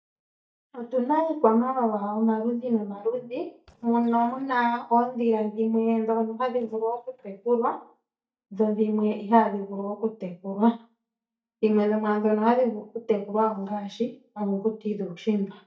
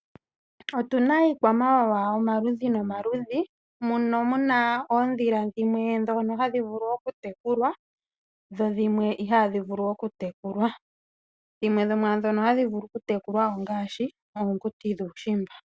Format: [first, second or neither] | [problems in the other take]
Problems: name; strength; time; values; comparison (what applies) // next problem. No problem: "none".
second | noise reduction (neural mask model DeepFilterNet 3)